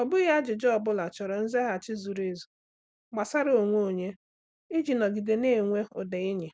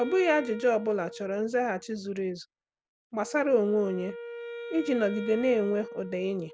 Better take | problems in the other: first | background sound (Wind instrument, woodwind instrument); 13 dB below the speech

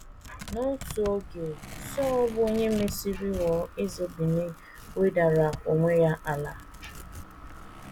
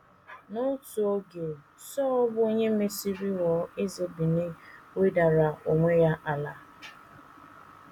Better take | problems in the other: second | background sound (Tearing + Motorcycle); 13 dB below the speech

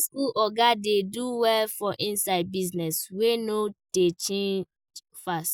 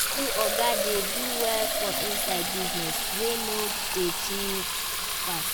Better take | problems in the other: first | background sound (Fill (with liquid)); 4 dB above the speech

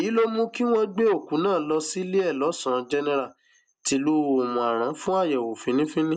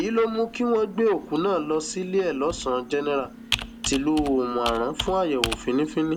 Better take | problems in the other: first | background sound (Computer keyboard); 11 dB below the speech

